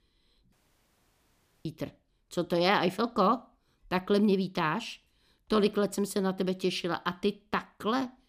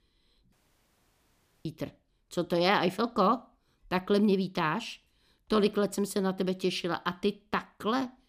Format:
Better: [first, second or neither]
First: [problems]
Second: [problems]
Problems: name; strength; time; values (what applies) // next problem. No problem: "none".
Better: neither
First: audio cutting out; at 0.5 s for 1 s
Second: audio cutting out; at 0.5 s for 1 s